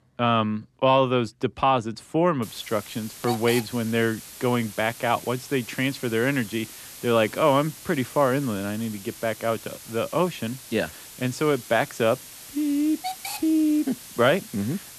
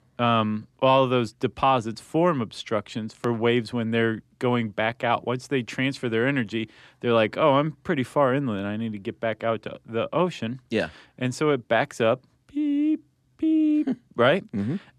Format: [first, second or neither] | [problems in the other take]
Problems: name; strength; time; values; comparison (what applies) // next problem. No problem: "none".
second | hiss; noticeable; from 2.5 s on; 15 dB below the speech